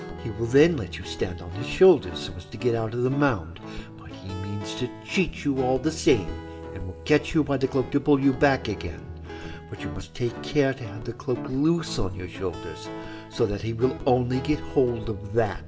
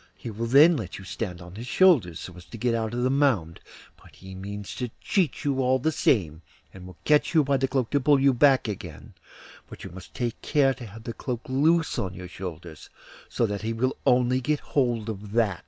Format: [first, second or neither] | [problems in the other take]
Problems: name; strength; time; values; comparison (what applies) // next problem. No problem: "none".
second | background sound (Guitar); 12 dB below the speech // room echo; dies away in 2.8 s